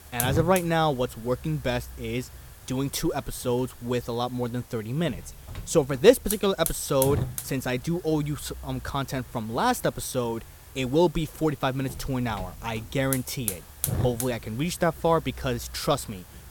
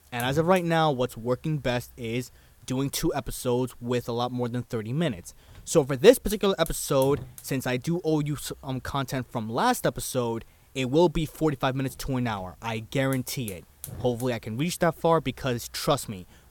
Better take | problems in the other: second | hiss; loud; throughout; 9 dB below the speech; faint in the second

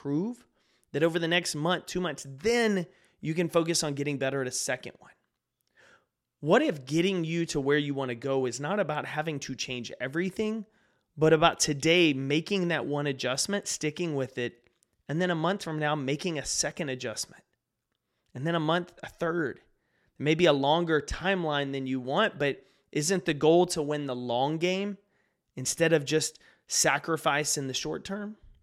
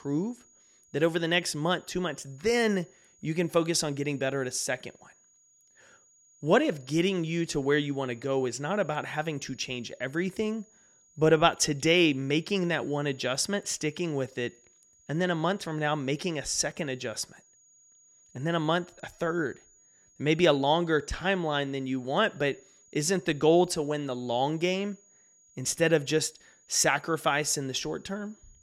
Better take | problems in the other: first | high-pitched whine; faint; throughout; 6.5 kHz, 30 dB below the speech

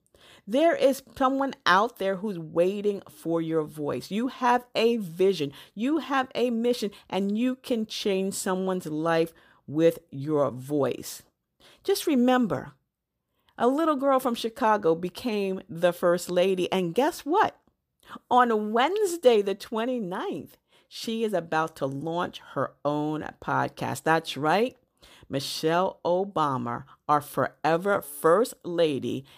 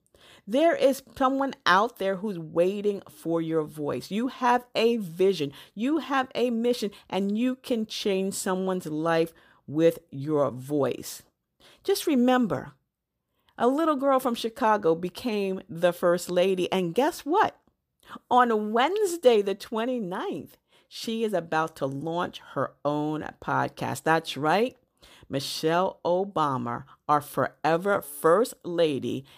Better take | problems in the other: neither | none

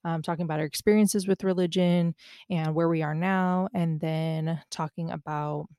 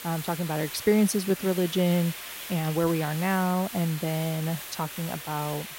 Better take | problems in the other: first | hiss; loud; throughout; 9 dB below the speech

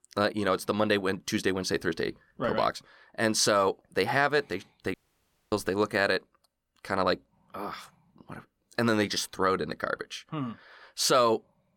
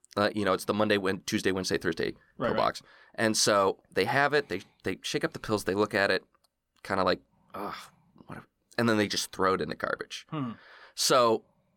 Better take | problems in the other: second | audio cutting out; at 5 s for 0.5 s

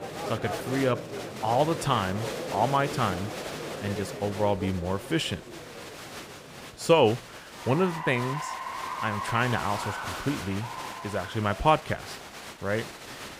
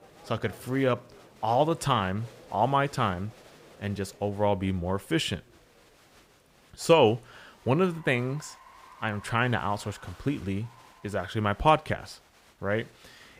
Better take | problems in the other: second | crowd noise; loud; throughout; 8 dB below the speech; faint in the second

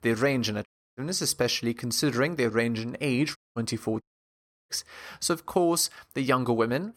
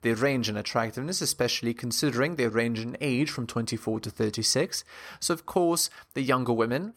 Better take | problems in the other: second | audio cutting out; at 0.5 s, at 3.5 s and at 4 s for 0.5 s

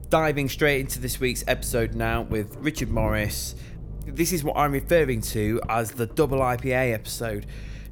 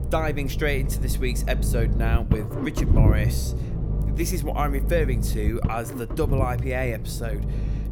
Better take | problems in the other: first | low rumble; loud; throughout; 8 dB below the speech; faint in the first

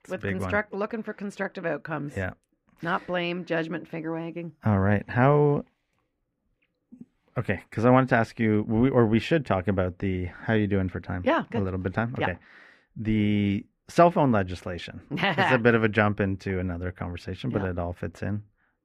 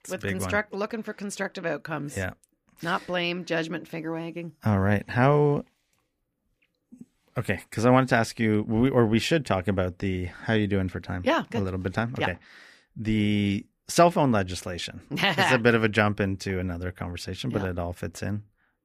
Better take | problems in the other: second | muffled; slightly; fading above 3.5 kHz

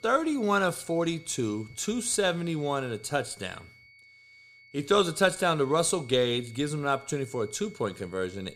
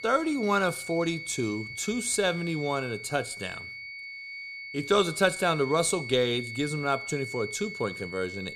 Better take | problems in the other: first | high-pitched whine; loud; throughout; 2 kHz, 9 dB below the speech; faint in the first

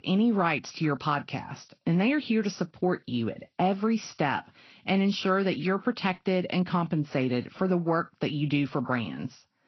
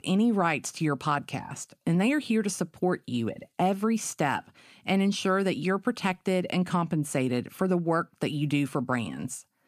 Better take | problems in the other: second | garbled, watery; slightly; nothing above 6 kHz

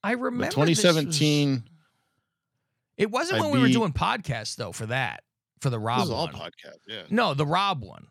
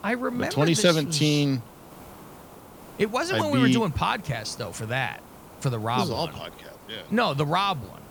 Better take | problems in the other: first | hiss; faint; throughout; 20 dB below the speech

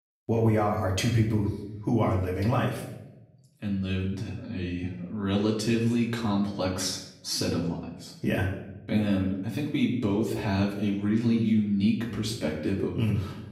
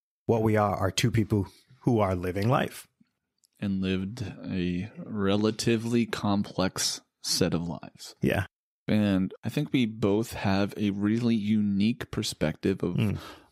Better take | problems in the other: second | room echo; noticeable; dies away in 0.7 s // off-mic speech; far

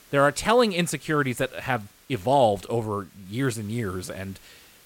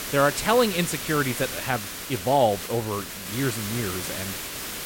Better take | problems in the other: first | hiss; loud; throughout; 6 dB below the speech; faint in the first

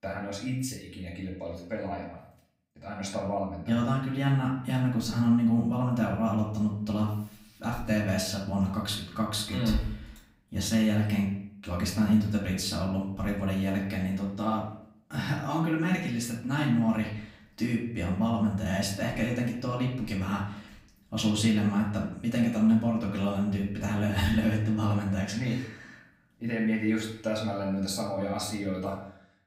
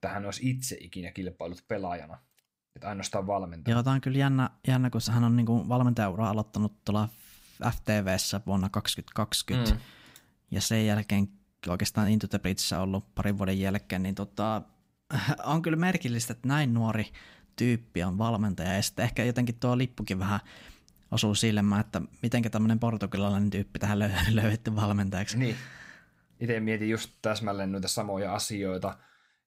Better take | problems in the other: second | off-mic speech; far // room echo; slight; dies away in 0.6 s

